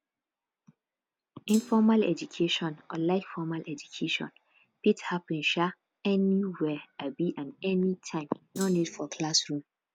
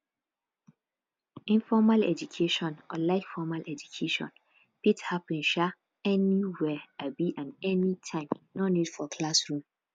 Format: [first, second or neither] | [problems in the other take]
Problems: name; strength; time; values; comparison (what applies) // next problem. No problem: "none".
second | background sound (Thump, thud); 17 dB below the speech